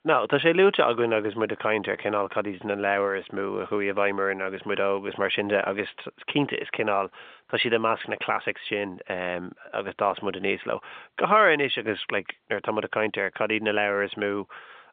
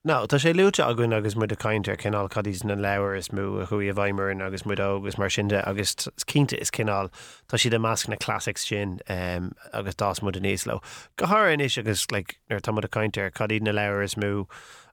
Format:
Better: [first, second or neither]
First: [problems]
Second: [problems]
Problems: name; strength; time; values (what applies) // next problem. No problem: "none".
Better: second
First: phone-call audio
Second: none